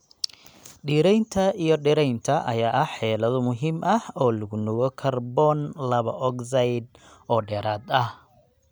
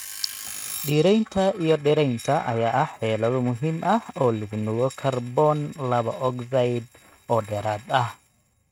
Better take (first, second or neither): first